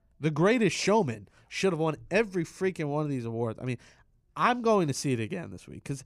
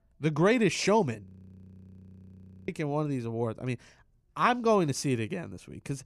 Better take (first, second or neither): first